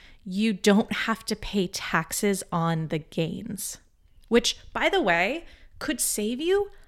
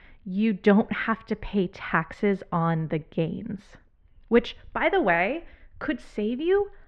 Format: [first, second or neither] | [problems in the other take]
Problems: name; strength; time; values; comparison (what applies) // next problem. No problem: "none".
first | muffled; very; fading above 2.5 kHz